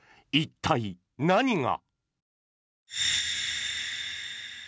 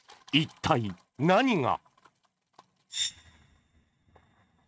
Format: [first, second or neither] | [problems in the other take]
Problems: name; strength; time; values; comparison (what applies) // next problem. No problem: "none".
first | noise reduction (neural mask model RNNoise)